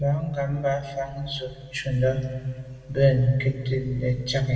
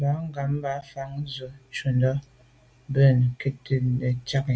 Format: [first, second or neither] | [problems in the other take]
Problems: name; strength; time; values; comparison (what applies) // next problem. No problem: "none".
second | room echo; dies away in 1.8 s